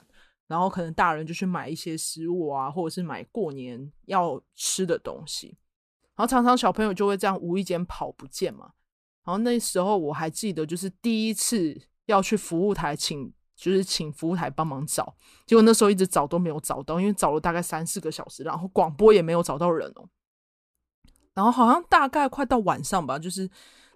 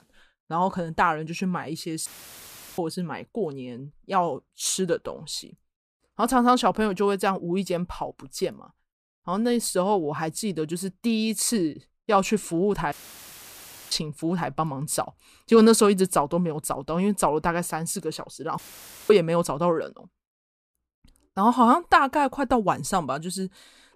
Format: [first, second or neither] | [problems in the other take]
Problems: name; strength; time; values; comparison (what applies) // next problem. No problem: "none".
first | audio cutting out; filled with static; at 2 s for 0.5 s, at 13 s for 1 s and at 19 s for 0.5 s